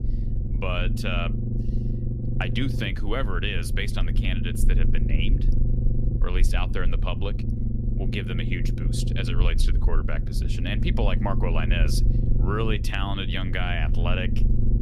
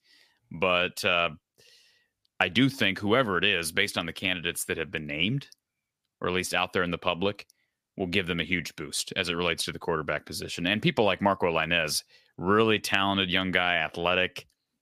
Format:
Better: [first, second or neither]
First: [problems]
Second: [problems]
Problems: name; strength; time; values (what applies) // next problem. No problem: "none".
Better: second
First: low rumble; loud; throughout; 8 dB below the speech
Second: none